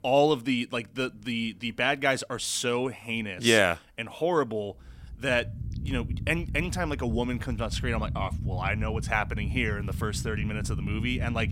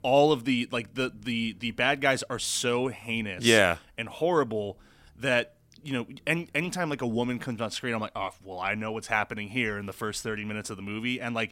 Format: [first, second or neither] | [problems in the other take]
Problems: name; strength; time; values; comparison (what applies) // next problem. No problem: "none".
second | low rumble; noticeable; from 5 s on; 20 dB below the speech